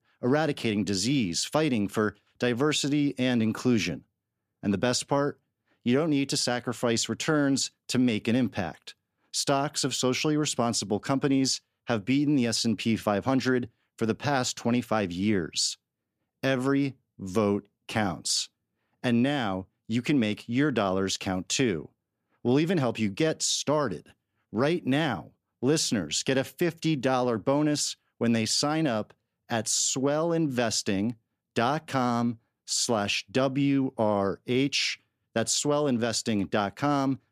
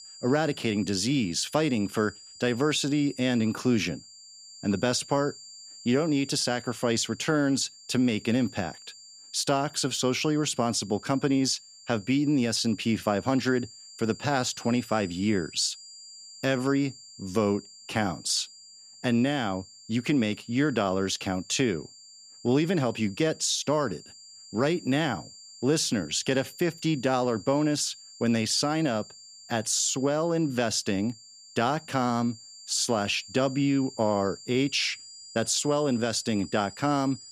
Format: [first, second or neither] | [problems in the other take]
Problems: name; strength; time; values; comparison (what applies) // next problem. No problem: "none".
first | high-pitched whine; noticeable; throughout; 4.5 kHz, 20 dB below the speech